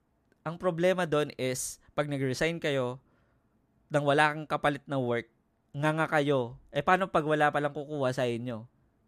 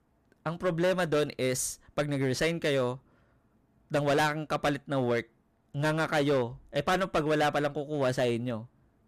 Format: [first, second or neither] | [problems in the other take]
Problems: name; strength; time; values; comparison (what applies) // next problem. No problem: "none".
first | distortion; heavy; 8% of the sound clipped